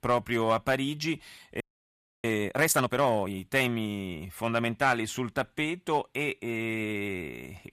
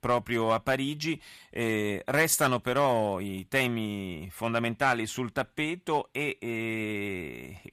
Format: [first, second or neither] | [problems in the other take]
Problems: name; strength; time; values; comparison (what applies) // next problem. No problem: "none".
second | audio freezing; at 1.5 s for 0.5 s